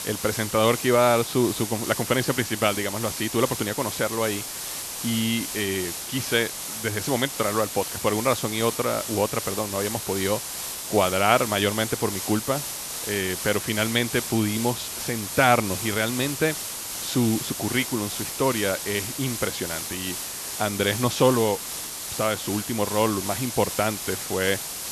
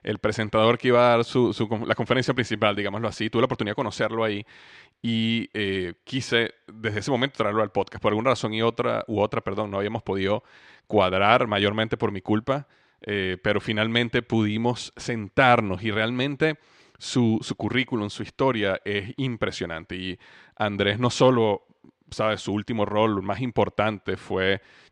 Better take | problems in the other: second | hiss; loud; throughout; 5 dB below the speech

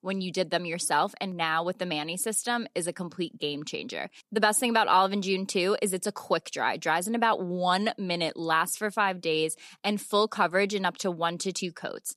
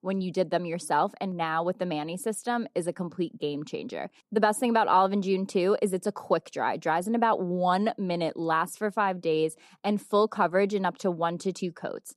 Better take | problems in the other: first | muffled; slightly; fading above 1.5 kHz

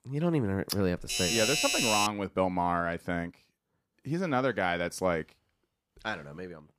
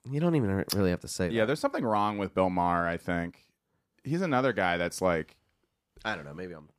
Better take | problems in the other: second | doorbell; loud; from 1 to 2 s; peak 4 dB above the speech

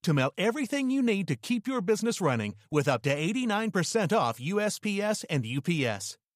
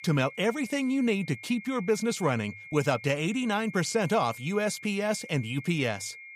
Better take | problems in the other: first | high-pitched whine; noticeable; throughout; 2 kHz, 15 dB below the speech

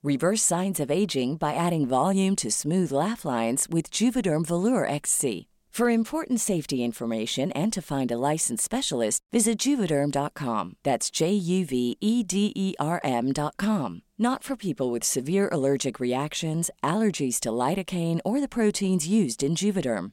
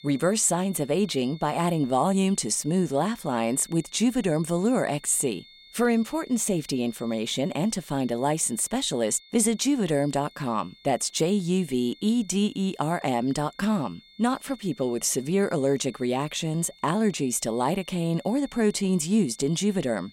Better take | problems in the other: first | high-pitched whine; faint; throughout; 3.5 kHz, 25 dB below the speech

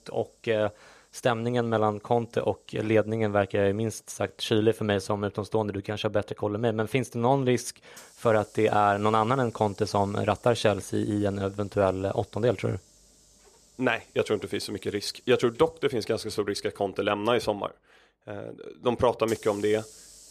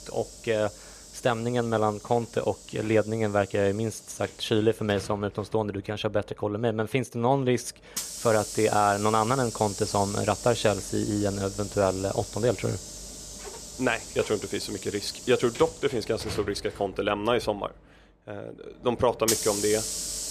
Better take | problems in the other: first | hiss; loud; throughout; 9 dB below the speech; faint in the first

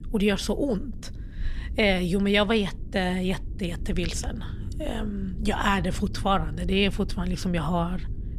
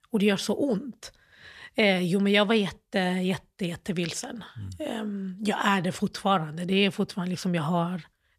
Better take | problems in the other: second | low rumble; faint; throughout; 20 dB below the speech

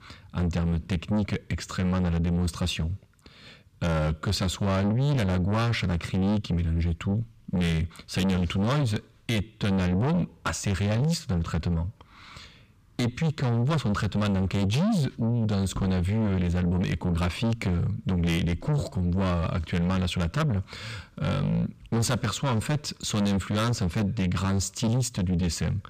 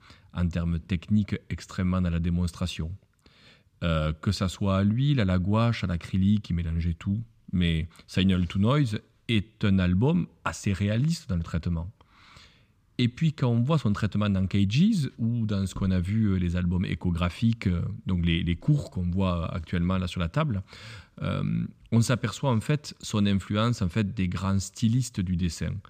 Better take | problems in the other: second | distortion; heavy; 7 dB below the speech

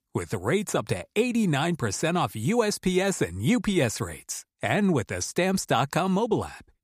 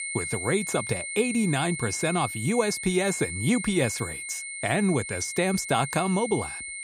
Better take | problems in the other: first | high-pitched whine; loud; throughout; 2 kHz, 6 dB below the speech

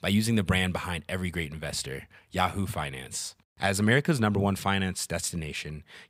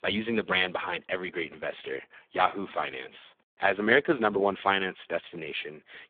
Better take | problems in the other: first | phone-call audio; poor line

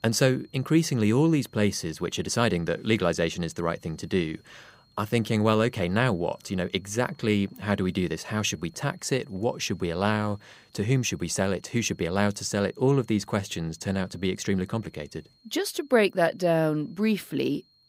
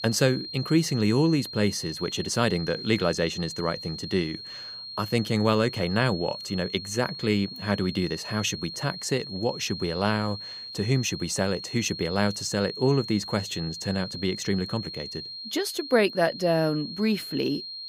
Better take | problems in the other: first | high-pitched whine; loud; throughout; 4 kHz, 9 dB below the speech; faint in the first

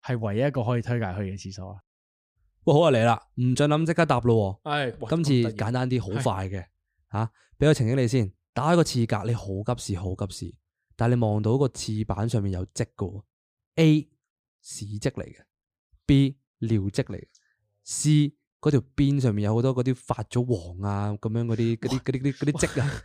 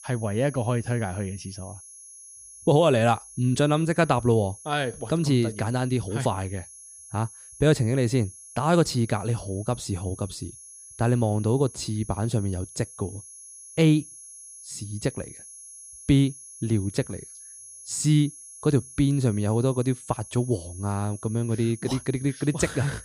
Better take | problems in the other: first | high-pitched whine; noticeable; throughout; 10.5 kHz, 15 dB below the speech

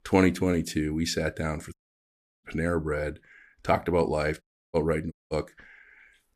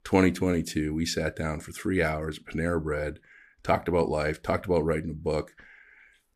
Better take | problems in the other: second | audio cutting out; at 1.5 s for 0.5 s, at 4.5 s and at 5 s

